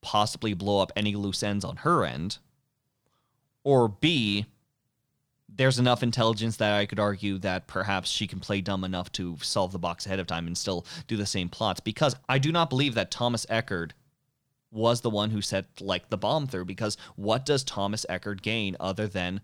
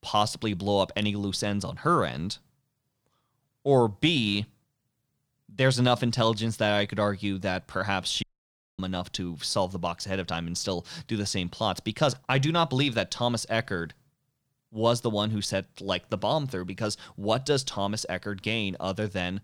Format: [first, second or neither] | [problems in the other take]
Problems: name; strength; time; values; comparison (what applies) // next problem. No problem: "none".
first | audio cutting out; at 8 s for 0.5 s